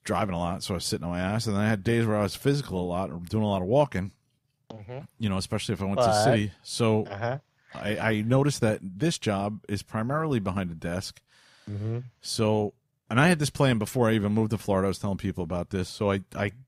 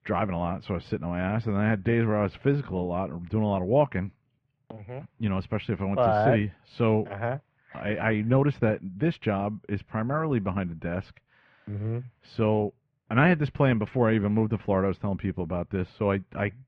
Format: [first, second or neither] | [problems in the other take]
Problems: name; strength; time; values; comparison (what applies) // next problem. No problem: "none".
first | muffled; very; fading above 2.5 kHz